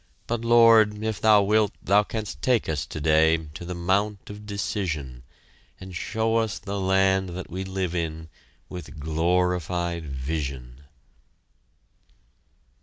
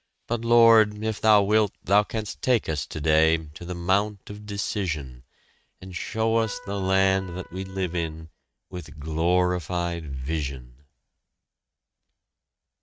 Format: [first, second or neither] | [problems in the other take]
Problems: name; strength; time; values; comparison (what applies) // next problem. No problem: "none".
first | noise reduction (neural mask model RNNoise)